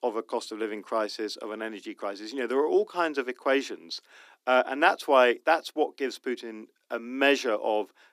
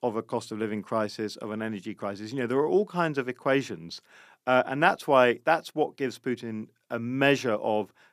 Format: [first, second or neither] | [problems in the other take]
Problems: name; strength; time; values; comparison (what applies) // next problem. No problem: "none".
second | thin; very slightly; fading below 250 Hz